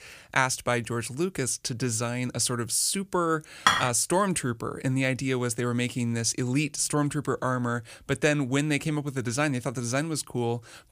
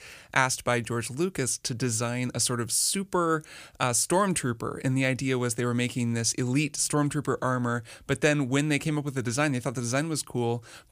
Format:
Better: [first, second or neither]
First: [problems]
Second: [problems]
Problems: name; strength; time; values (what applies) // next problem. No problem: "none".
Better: second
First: clattering dishes; loud; at 3.5 s; peak 4 dB above the speech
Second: none